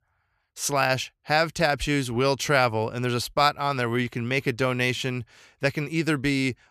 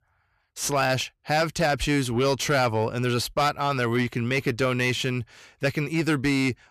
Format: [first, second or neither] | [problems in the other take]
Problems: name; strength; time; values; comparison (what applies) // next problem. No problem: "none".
first | distortion; slight; 10 dB below the speech